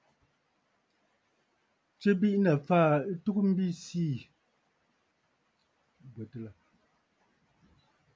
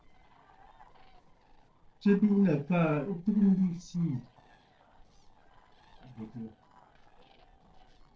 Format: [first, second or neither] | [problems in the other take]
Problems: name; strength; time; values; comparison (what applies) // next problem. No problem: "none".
first | noise reduction (neural separator model SepFormer DNS4)